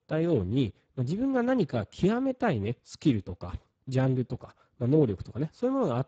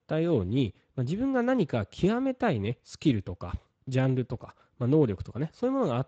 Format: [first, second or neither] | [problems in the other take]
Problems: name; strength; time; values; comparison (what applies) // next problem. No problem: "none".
second | garbled, watery; badly; nothing above 7.5 kHz; slightly in the second